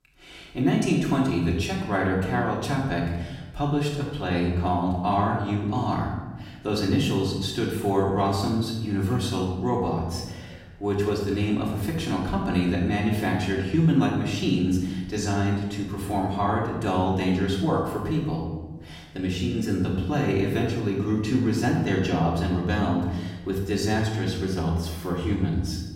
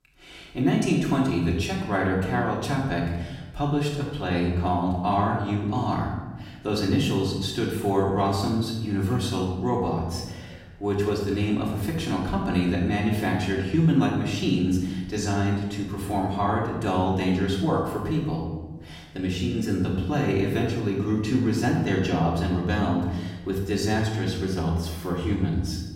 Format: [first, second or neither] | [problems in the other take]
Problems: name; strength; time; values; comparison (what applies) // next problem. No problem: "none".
neither | off-mic speech; far; the same in both // room echo; noticeable; dies away in 1 s; the same in both